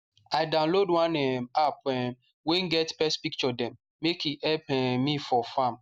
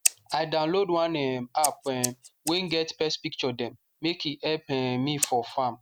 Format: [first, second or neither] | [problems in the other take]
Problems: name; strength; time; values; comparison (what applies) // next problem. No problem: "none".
first | background sound (Scissors); 8 dB below the speech